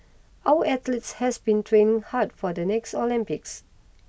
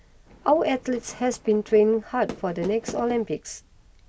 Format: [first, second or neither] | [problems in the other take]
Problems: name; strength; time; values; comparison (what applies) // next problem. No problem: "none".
first | background sound (Fireworks); 17 dB below the speech